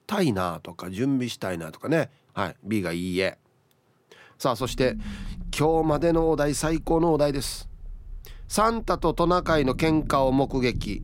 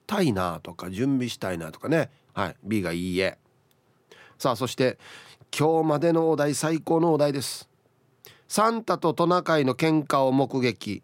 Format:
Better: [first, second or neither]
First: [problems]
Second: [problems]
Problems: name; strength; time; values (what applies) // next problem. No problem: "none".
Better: second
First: low rumble; faint; from 4.5 s on; 20 dB below the speech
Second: none